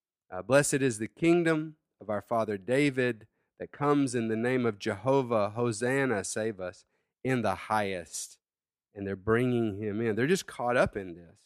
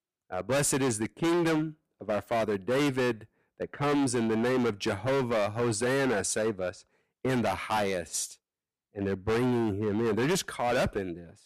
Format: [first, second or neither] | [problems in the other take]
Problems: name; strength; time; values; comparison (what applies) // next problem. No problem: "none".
first | distortion; heavy; 19% of the sound clipped